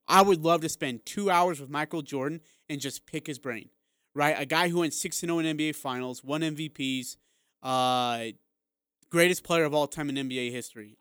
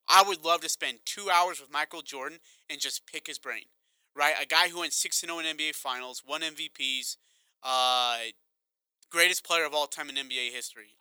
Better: first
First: none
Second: thin; very; fading below 800 Hz

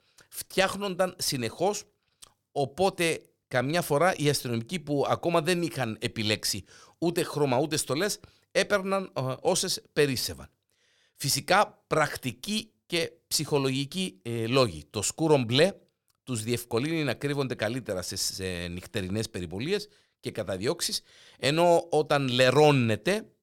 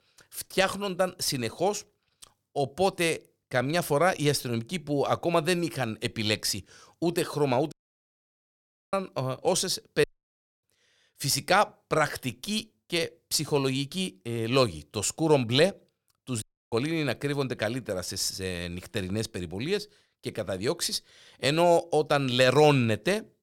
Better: first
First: none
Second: audio cutting out; at 7.5 s for 1 s, at 10 s for 0.5 s and at 16 s

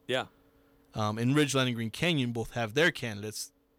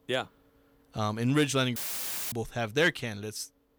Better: first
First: none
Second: audio cutting out; filled with static; at 2 s for 0.5 s

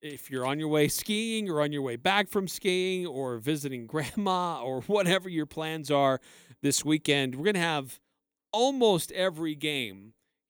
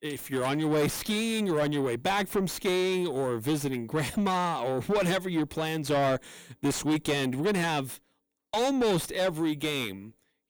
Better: first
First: none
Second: distortion; heavy; 6 dB below the speech

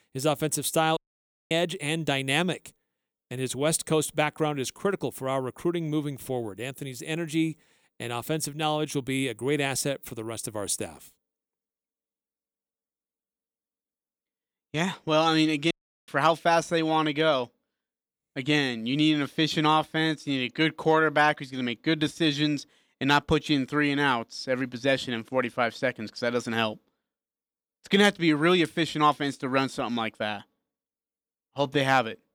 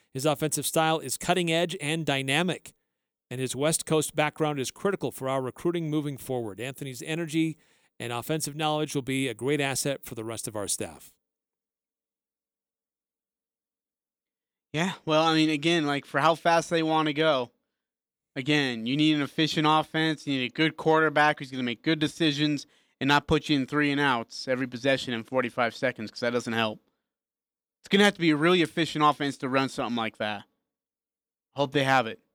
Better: second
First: audio cutting out; at 1 s for 0.5 s and at 16 s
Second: none

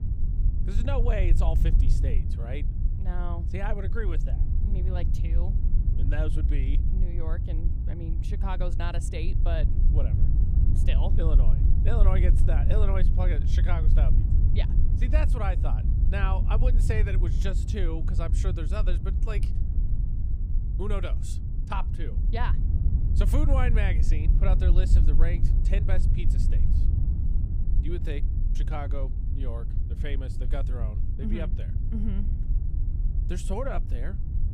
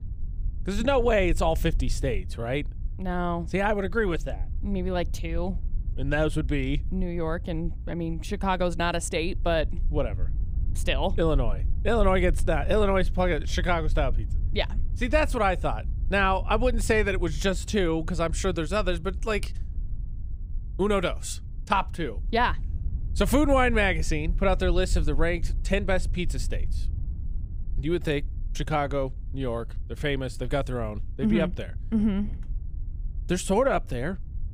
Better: second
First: low rumble; loud; throughout; 6 dB below the speech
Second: low rumble; faint; throughout; 25 dB below the speech

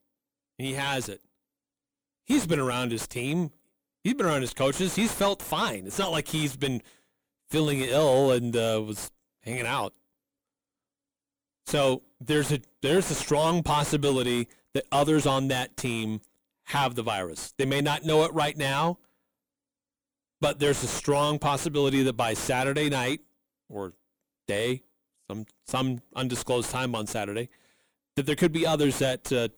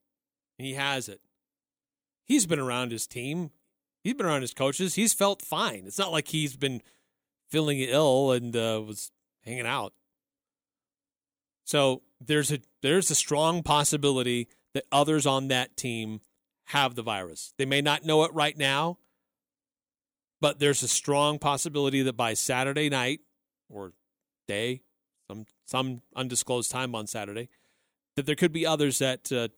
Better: second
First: distortion; heavy; 5 dB below the speech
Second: none

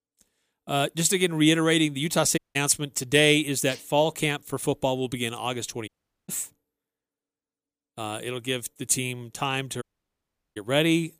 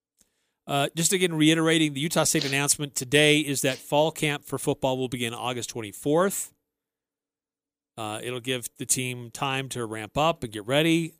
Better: second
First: audio cutting out; at 2.5 s, at 6 s and at 10 s for 0.5 s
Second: none

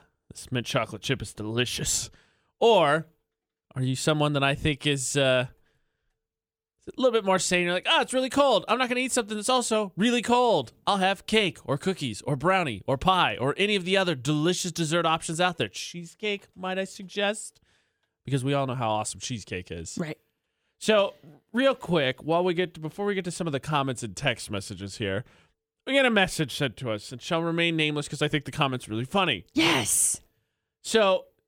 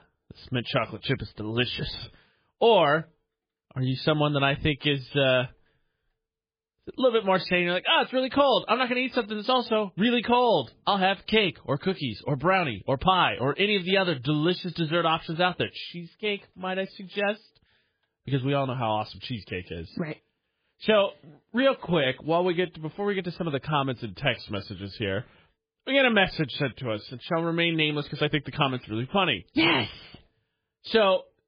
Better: first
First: none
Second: garbled, watery; badly

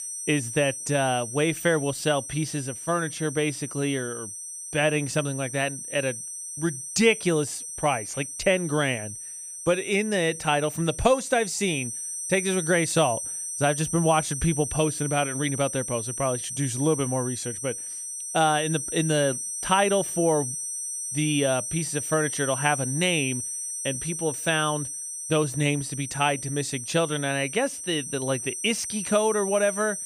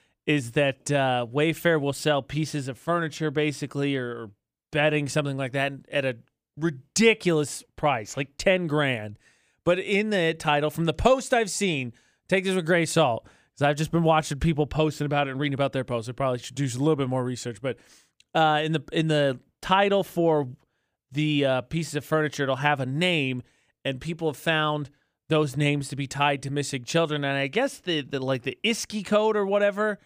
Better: second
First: high-pitched whine; loud; throughout; 8.5 kHz, 6 dB below the speech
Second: none

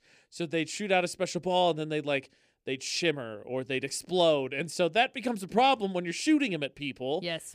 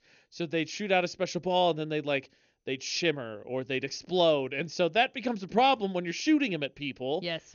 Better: first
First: none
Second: garbled, watery; slightly; nothing above 6.5 kHz

